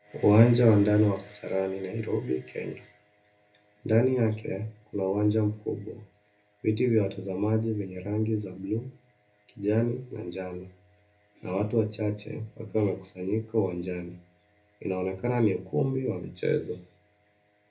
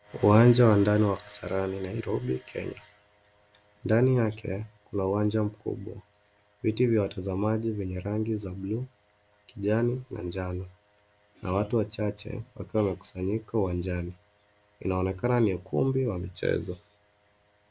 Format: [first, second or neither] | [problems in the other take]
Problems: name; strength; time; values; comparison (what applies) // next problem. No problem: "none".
second | room echo; dies away in 0.3 s